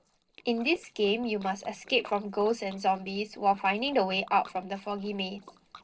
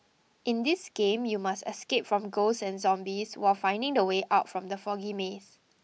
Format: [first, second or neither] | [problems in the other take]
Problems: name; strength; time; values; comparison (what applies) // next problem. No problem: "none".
second | noise reduction (neural separator model SepFormer DNS4)